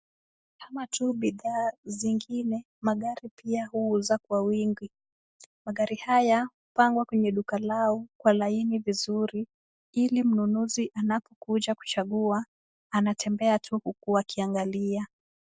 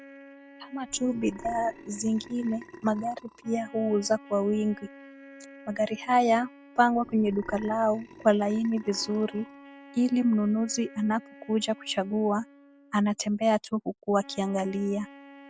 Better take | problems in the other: first | background sound (Burping, eructation + Wind instrument, woodwind instrument); 19 dB below the speech

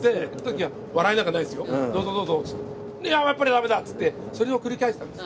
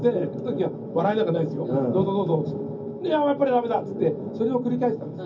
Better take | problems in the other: first | room echo; dies away in 0.4 s

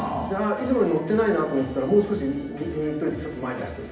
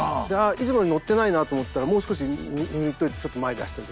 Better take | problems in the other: second | room echo; dies away in 0.8 s

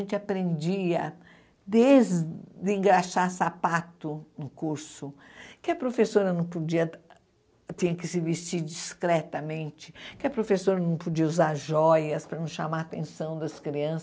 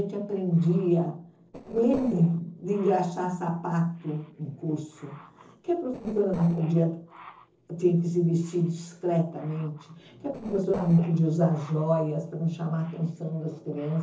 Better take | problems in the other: first | noise reduction (neural separator model SepFormer DNS4)

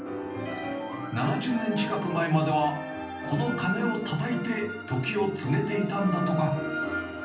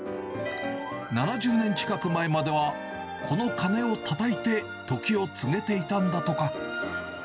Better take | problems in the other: second | background sound (Bowed string instrument); 16 dB below the speech // room echo; dies away in 0.6 s

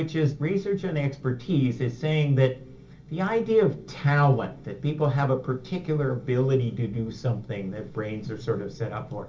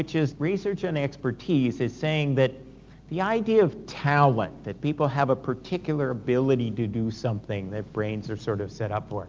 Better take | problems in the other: second | room echo; dies away in 0.2 s

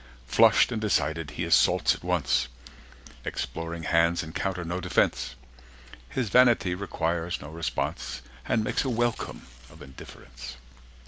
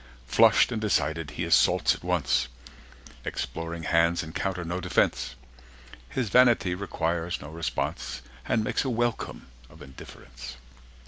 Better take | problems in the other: second | background sound (Tearing); 18 dB below the speech

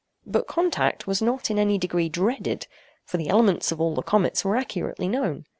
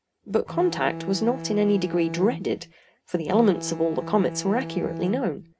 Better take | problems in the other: first | background sound (Bowed string instrument); 10 dB below the speech // room echo; dies away in 0.3 s

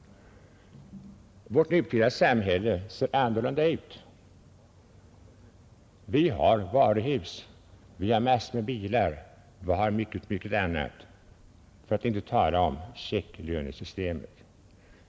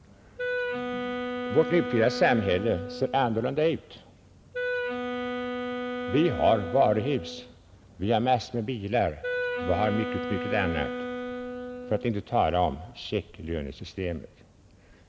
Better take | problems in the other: first | background sound (Wind instrument, woodwind instrument); 5 dB below the speech

